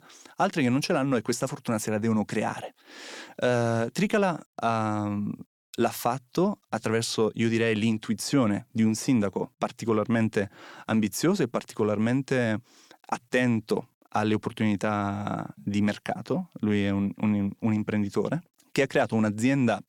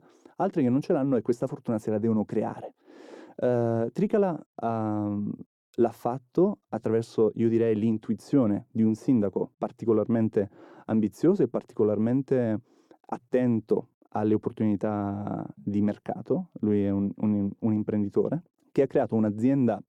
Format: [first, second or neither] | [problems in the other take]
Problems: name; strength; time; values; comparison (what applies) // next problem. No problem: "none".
first | muffled; very; fading above 1.5 kHz